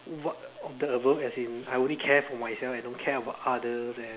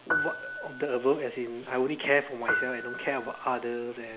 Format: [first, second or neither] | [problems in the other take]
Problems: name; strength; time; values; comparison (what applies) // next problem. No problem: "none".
first | background sound (Piano); 4 dB below the speech